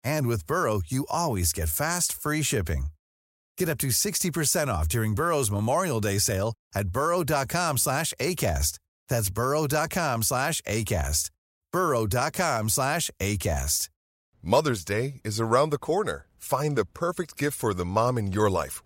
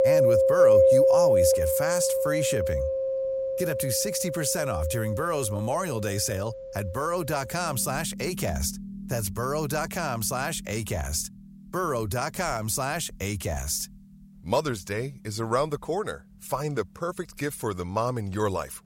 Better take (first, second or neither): first